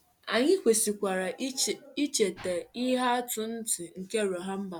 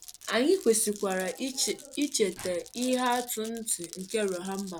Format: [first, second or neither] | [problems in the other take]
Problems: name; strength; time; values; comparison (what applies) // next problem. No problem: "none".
first | background sound (Glass); 16 dB below the speech